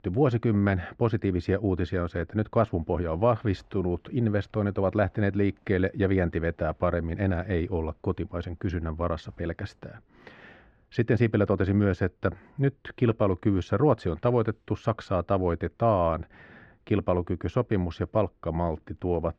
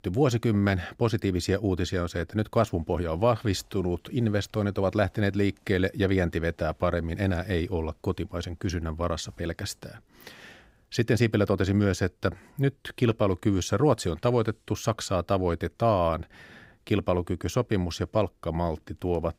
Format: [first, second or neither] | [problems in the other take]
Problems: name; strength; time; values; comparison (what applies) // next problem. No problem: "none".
second | muffled; very; fading above 2 kHz